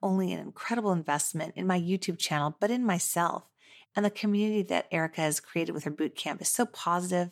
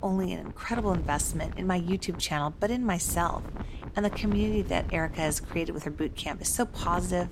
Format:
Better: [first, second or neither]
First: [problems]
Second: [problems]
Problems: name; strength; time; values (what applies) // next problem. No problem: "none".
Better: first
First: none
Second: wind noise on the microphone; occasional gusts; 15 dB below the speech